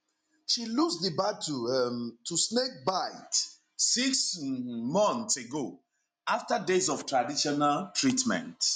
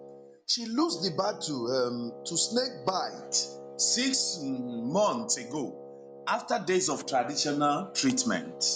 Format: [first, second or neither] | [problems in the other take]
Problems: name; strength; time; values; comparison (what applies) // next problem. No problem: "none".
first | background sound (Wind instrument, woodwind instrument); 15 dB below the speech